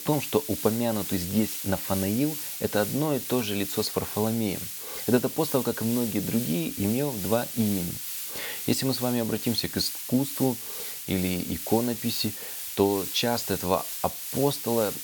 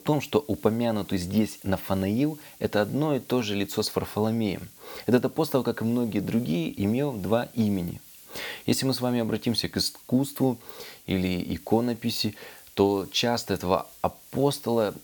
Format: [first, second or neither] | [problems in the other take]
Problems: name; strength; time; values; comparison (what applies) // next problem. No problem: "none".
second | hiss; loud; throughout; 5 dB below the speech; faint in the second